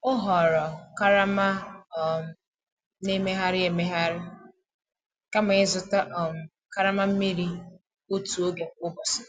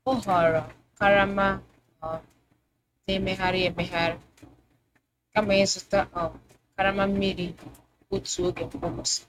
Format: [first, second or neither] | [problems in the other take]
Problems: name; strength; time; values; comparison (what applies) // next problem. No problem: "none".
first | noise reduction (neural mask model RNNoise)